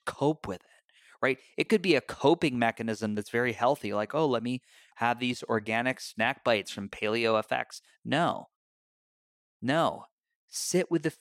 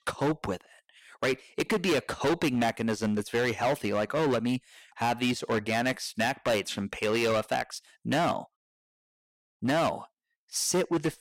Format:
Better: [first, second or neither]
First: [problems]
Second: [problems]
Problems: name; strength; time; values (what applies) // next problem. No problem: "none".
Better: first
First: none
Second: distortion; heavy; 11% of the sound clipped